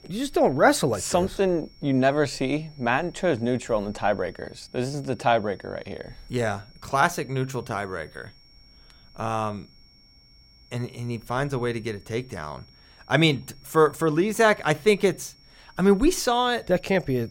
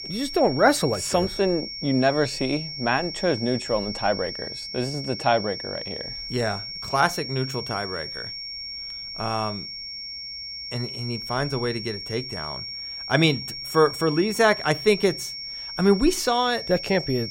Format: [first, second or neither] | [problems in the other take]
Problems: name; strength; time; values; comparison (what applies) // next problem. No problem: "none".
first | high-pitched whine; loud; throughout; 5.5 kHz, 8 dB below the speech; faint in the first